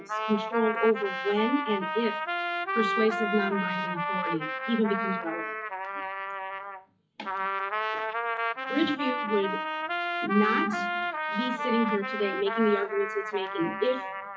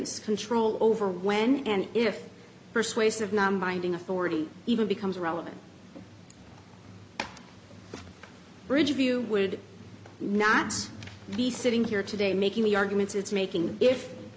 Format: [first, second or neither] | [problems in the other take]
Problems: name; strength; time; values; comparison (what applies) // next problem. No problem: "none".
second | noise reduction (classical method WPE with log-MMSE)